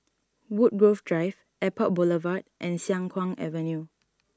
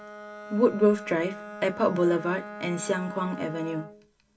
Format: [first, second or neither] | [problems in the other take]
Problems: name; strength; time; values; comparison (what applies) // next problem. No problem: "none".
first | background sound (Bowed string instrument); 13 dB below the speech // room echo; dies away in 0.2 s